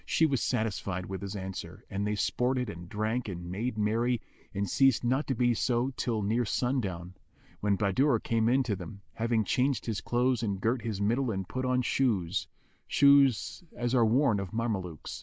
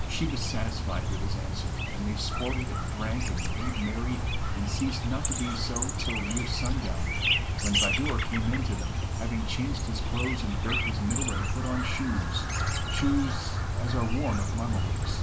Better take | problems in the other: first | background sound (Chirp, tweet); 5 dB above the speech // room echo; dies away in 0.3 s

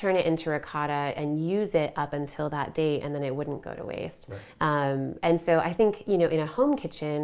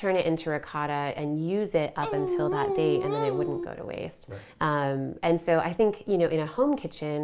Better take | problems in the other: first | background sound (Dog); as loud as the speech

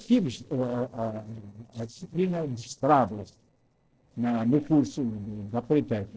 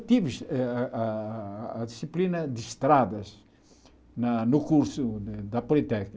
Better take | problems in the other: second | noise reduction (neural separator model SepFormer DNS4)

